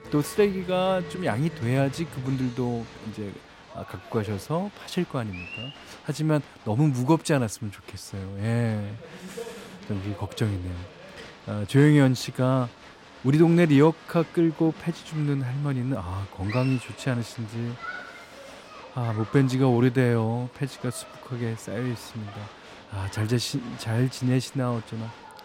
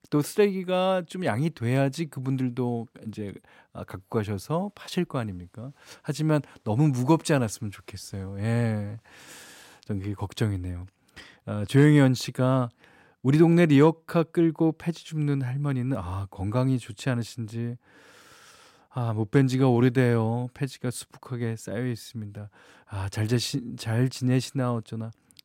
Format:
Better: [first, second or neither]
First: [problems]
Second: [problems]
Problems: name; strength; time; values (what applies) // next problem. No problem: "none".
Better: second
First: crowd noise; noticeable; throughout; 15 dB below the speech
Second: none